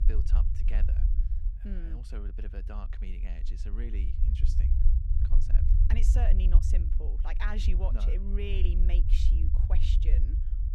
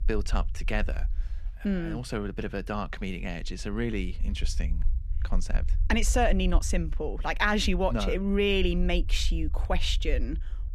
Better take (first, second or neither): second